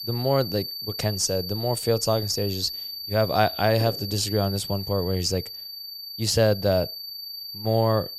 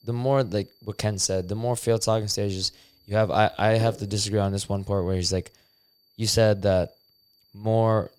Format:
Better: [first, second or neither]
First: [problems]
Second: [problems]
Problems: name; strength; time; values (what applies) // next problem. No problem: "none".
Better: second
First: high-pitched whine; loud; throughout; 4.5 kHz, 7 dB below the speech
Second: high-pitched whine; faint; throughout; 4.5 kHz, 35 dB below the speech